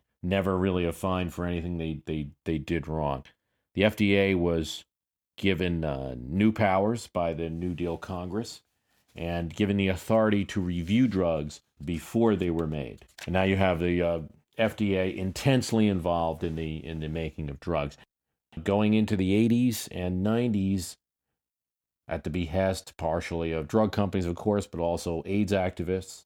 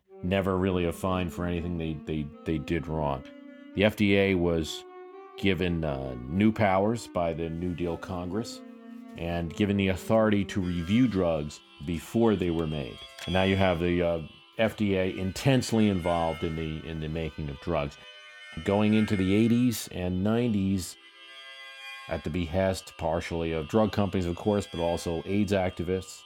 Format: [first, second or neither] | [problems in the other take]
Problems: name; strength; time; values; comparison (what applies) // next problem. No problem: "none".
first | background music; noticeable; throughout; 15 dB below the speech